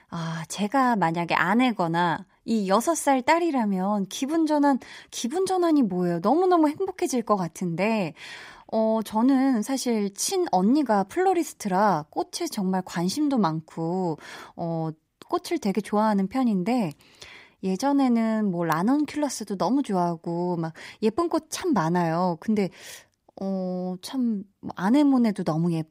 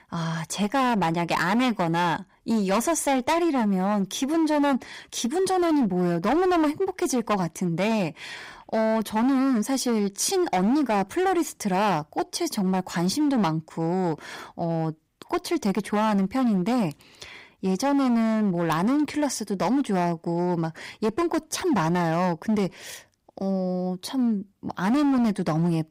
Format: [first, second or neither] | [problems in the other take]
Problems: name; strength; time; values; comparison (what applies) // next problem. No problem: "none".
first | distortion; slight; 15% of the sound clipped